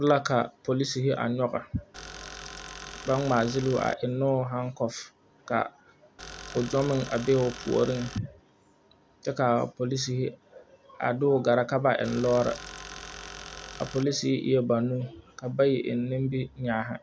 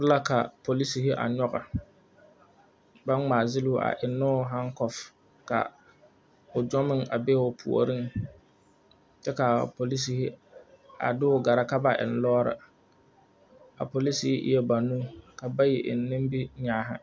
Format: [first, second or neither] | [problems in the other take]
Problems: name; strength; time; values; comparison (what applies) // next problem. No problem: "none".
second | background sound (Tools); 14 dB below the speech